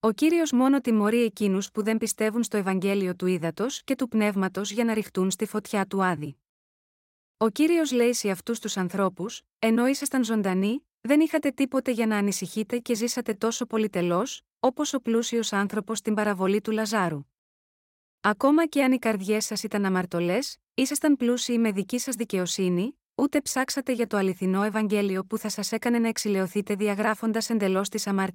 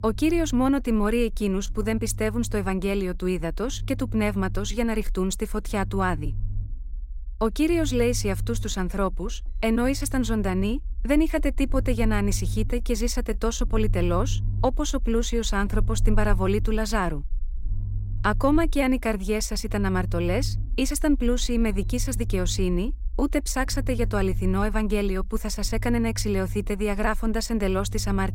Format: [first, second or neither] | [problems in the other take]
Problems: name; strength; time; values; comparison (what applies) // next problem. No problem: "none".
first | low rumble; faint; throughout; 20 dB below the speech